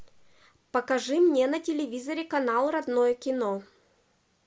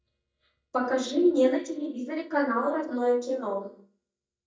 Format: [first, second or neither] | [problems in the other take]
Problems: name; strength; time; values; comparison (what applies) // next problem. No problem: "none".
first | noise reduction (neural mask model DeepFilterNet 3)